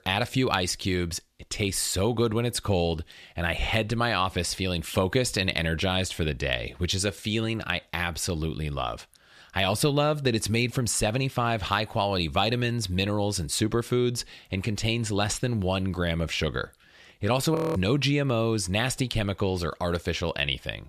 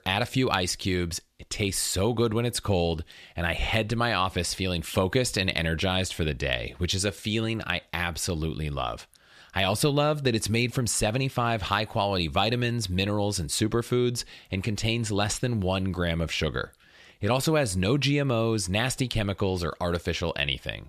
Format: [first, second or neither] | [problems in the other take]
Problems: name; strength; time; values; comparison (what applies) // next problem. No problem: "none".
second | audio freezing; at 18 s